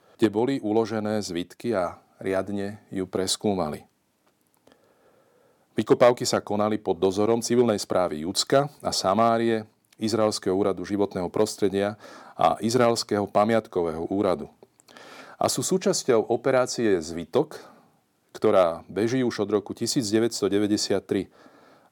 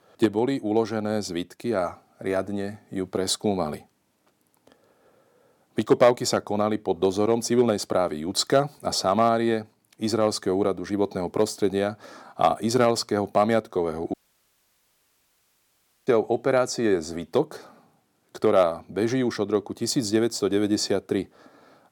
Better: first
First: none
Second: audio cutting out; at 14 s for 2 s

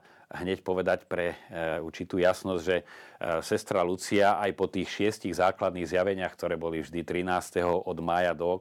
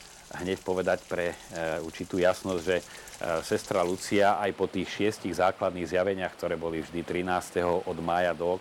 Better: first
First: none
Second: rain or running water; noticeable; throughout; 20 dB below the speech

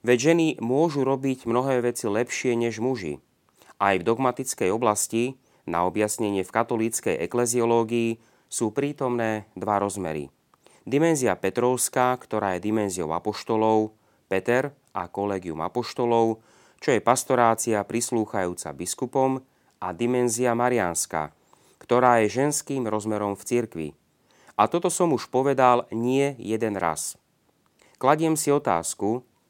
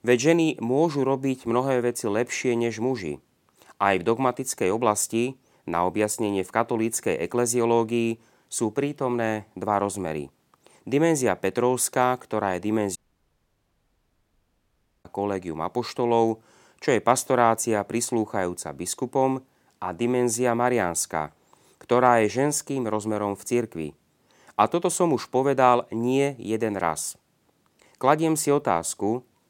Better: first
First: none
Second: audio cutting out; at 13 s for 2 s

